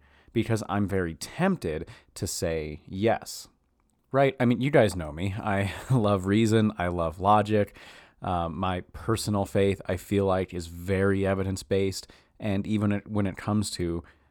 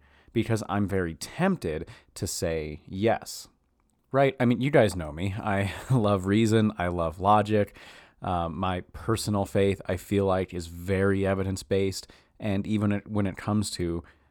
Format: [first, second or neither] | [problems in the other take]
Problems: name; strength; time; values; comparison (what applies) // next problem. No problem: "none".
neither | none